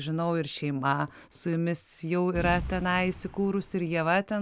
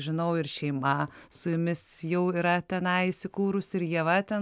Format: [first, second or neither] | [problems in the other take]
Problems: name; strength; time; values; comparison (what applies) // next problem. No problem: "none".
second | background sound (Boom); 14 dB below the speech